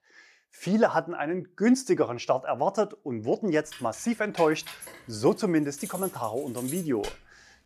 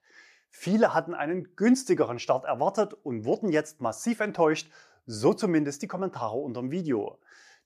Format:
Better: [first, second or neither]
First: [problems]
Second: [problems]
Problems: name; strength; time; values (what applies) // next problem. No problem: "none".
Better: second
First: jangling keys; noticeable; from 3.5 s on; peak 9 dB below the speech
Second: none